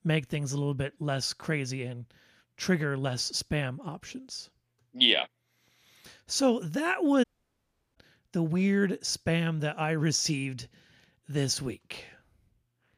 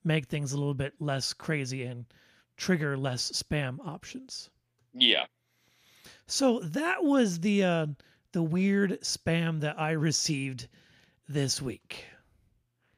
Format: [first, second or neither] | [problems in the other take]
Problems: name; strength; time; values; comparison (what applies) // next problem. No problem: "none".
second | audio cutting out; at 7 s for 0.5 s